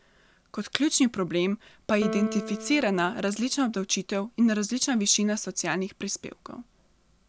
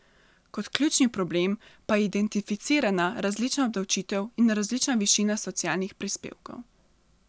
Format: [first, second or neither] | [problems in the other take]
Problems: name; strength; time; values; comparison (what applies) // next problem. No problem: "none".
second | background sound (Piano); 12 dB below the speech